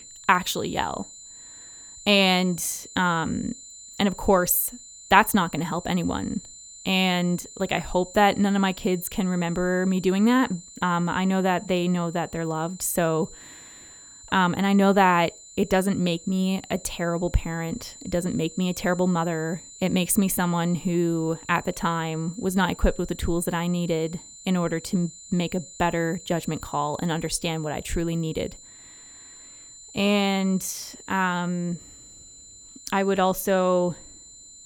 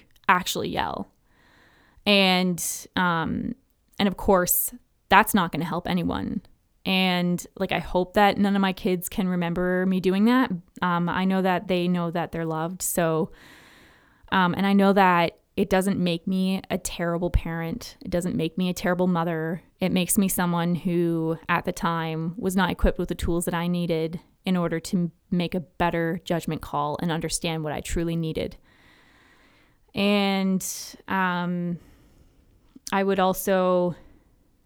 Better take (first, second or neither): second